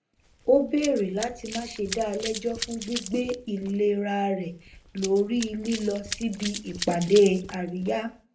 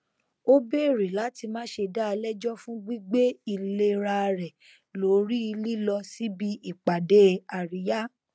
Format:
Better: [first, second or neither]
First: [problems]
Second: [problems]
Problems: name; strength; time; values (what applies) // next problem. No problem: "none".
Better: second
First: background sound (Run); 13 dB below the speech // room echo; dies away in 0.3 s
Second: none